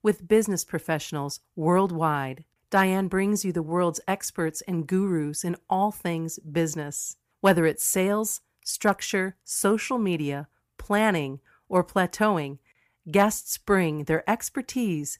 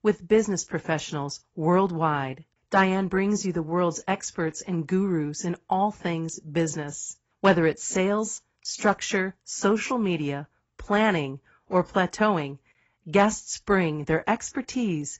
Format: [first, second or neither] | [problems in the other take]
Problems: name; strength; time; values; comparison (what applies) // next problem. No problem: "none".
first | garbled, watery; badly; nothing above 7.5 kHz